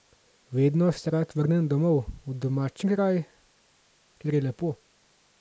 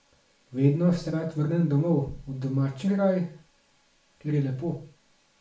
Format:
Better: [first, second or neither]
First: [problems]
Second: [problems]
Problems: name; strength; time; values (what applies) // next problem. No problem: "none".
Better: first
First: none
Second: room echo; dies away in 0.4 s